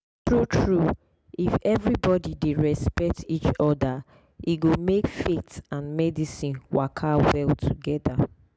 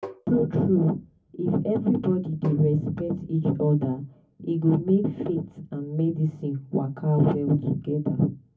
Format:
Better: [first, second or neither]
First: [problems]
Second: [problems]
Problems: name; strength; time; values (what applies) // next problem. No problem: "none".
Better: first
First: none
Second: background sound (Tap); 15 dB below the speech // room echo; dies away in 0.3 s